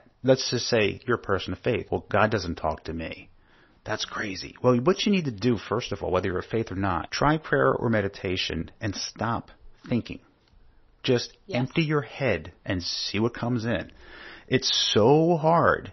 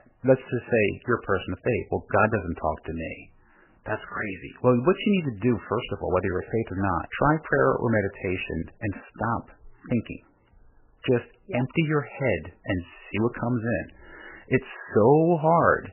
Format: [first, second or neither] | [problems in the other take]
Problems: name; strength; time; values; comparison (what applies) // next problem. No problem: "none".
first | garbled, watery; badly; nothing above 3 kHz; slightly in the first